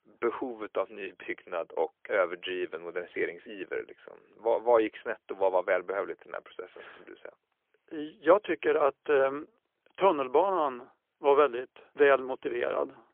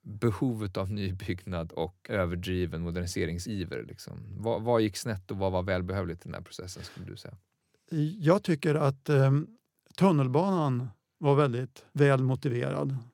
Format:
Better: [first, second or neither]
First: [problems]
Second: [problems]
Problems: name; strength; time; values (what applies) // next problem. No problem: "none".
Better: second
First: phone-call audio; poor line; nothing above 3.5 kHz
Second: none